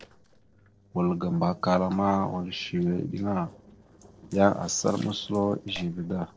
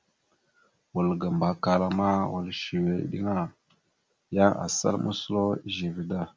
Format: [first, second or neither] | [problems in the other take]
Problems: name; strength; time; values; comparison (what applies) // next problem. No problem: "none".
second | noise reduction (neural separator model SepFormer DNS4)